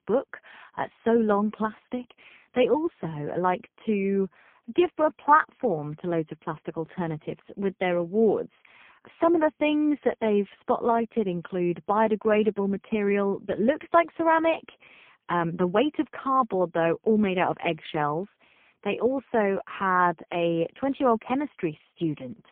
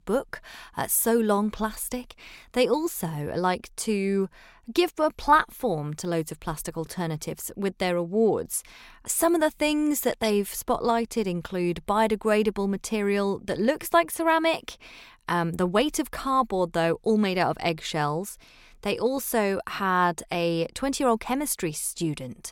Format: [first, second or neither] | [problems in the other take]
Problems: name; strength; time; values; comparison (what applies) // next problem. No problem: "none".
second | phone-call audio; poor line; nothing above 3.5 kHz